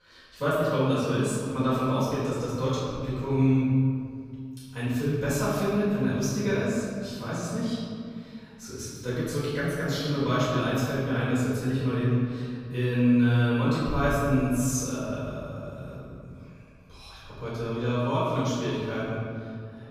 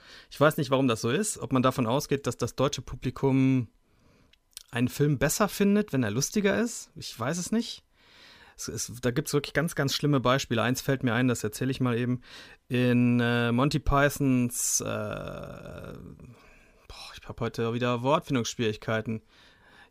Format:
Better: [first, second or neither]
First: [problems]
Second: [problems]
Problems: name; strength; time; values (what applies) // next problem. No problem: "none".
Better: second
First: off-mic speech; far // room echo; strong; dies away in 2.2 s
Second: none